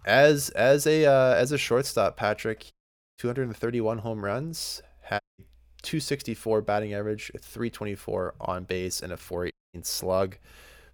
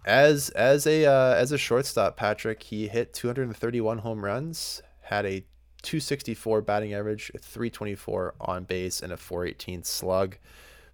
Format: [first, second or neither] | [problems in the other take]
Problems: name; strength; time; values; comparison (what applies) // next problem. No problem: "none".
second | audio cutting out; at 2.5 s, at 5 s and at 9.5 s